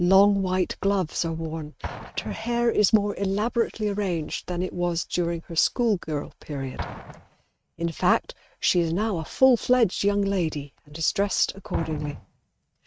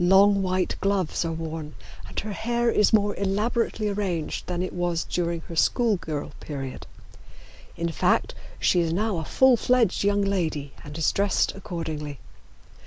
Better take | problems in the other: second | noise reduction (neural mask model RNNoise)

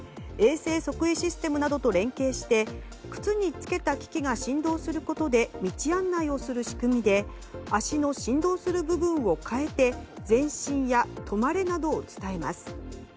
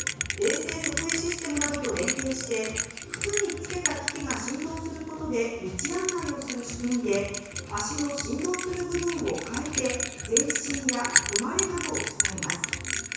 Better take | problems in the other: first | background sound (Bell); 1 dB below the speech // room echo; dies away in 1.1 s

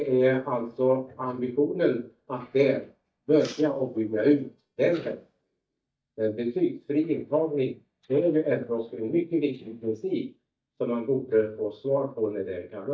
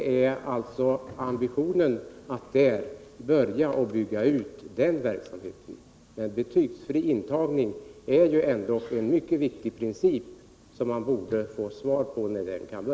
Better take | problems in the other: second | noise reduction (neural mask model DeepFilterNet 3)

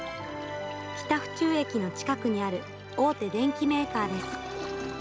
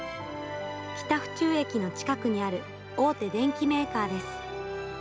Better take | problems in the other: second | background sound (Toilet flush); 17 dB below the speech

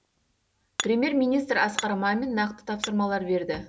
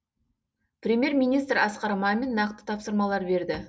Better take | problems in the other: second | background sound (Hammer); 13 dB below the speech

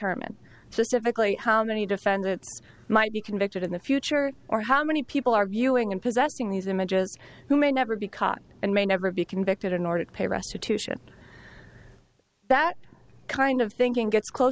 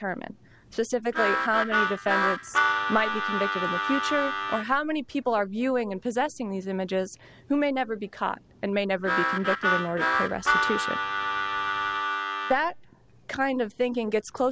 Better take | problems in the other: first | background sound (Harmonica); 2 dB above the speech

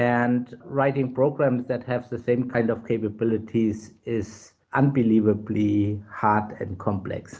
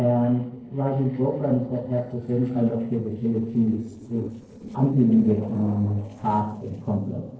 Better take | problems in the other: first | noise reduction (neural separator model SepFormer DNS4)

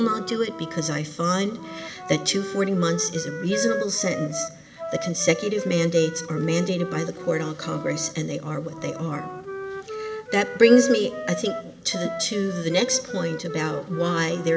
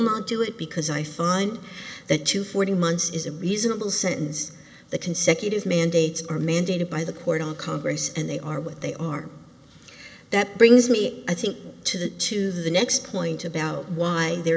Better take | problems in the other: second | background sound (Wind instrument, woodwind instrument); 9 dB below the speech

